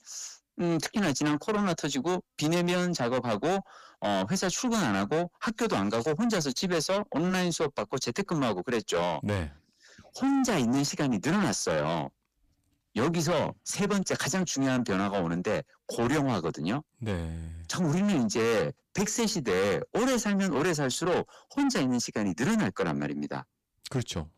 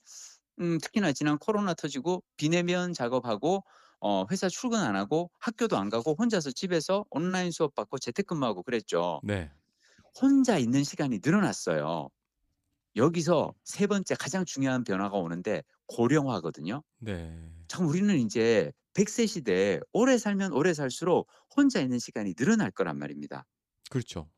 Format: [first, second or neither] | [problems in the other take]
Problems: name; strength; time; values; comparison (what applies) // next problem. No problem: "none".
second | distortion; heavy; 7 dB below the speech